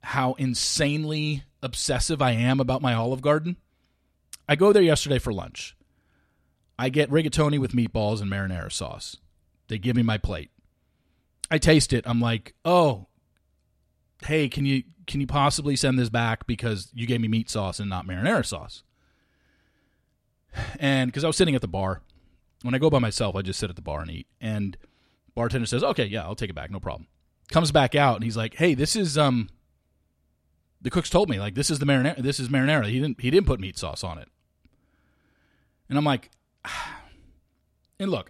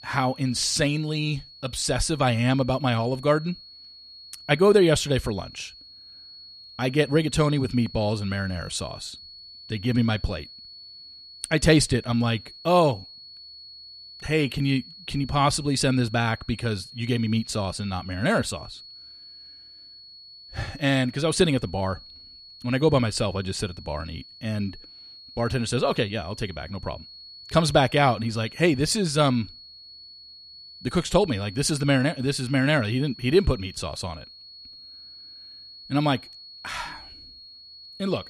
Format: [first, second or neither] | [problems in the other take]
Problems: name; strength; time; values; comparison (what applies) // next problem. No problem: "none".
first | high-pitched whine; noticeable; throughout; 4.5 kHz, 20 dB below the speech